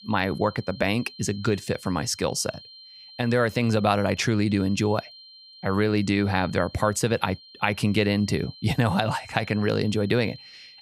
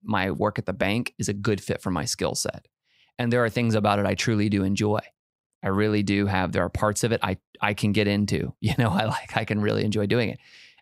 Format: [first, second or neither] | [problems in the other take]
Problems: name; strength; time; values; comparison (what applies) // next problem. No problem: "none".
second | high-pitched whine; faint; throughout; 4 kHz, 20 dB below the speech